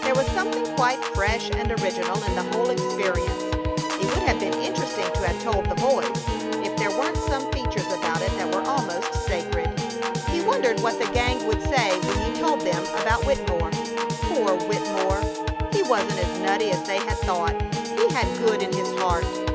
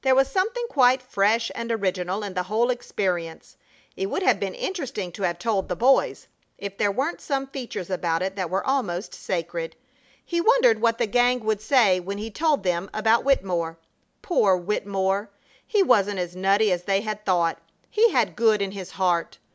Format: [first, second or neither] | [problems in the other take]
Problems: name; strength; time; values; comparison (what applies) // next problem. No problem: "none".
second | background sound (Piano / Organ); 1 dB above the speech